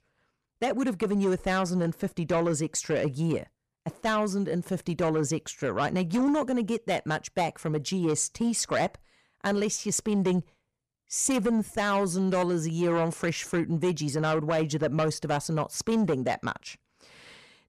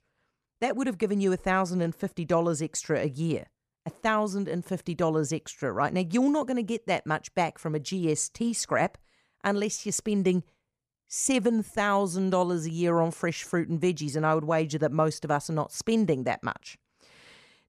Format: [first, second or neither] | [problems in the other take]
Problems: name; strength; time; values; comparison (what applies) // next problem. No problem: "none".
second | distortion; slight; 10 dB below the speech